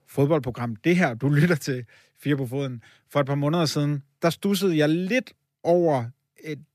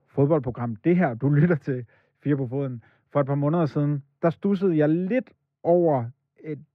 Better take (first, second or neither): first